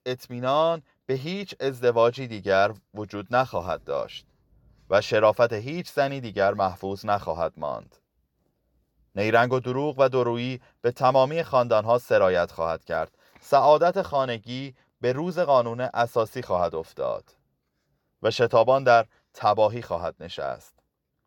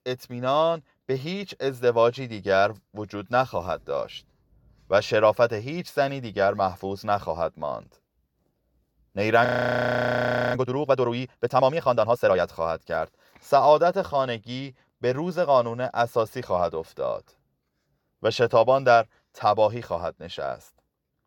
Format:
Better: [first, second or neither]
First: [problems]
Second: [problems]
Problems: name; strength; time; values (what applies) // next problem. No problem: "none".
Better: first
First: none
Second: audio freezing; at 9.5 s for 1 s